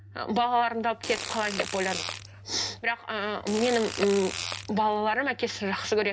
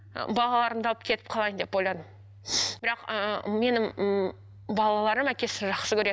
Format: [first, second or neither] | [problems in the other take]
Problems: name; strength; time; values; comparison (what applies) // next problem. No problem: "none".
second | background sound (Fart); 9 dB below the speech // room echo; dies away in 0.3 s